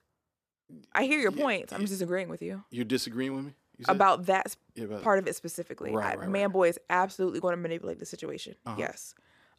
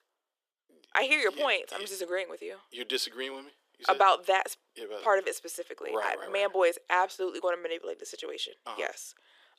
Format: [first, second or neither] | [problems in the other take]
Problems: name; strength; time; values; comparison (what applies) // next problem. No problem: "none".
first | thin; very; fading below 350 Hz